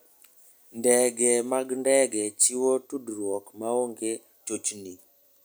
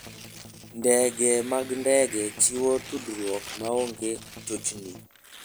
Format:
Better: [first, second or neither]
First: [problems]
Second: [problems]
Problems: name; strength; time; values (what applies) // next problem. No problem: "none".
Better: first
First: none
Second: background sound (Strum + Tearing); 15 dB below the speech